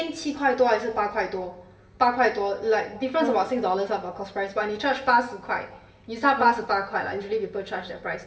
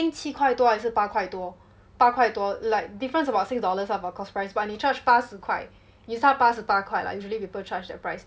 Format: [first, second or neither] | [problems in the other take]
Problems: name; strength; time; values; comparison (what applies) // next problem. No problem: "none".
second | background sound (Brass instrument); 12 dB below the speech // room echo; dies away in 0.7 s